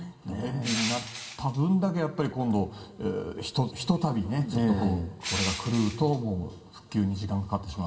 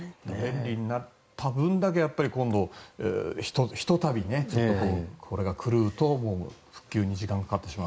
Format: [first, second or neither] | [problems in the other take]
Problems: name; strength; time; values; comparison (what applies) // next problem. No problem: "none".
second | background sound (Crushing); 9 dB below the speech // room echo; dies away in 1.9 s